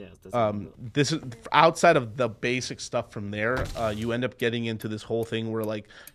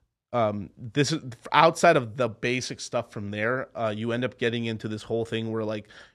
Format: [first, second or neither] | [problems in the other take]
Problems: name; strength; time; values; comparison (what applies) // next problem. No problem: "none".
second | traffic noise; noticeable; throughout; 20 dB below the speech